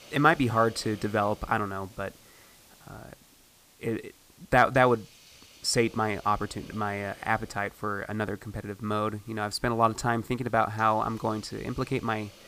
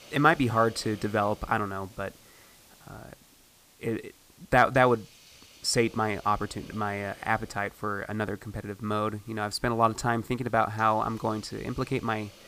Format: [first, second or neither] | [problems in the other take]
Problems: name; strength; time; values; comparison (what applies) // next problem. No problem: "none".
neither | hiss; faint; throughout; 25 dB below the speech; the same in both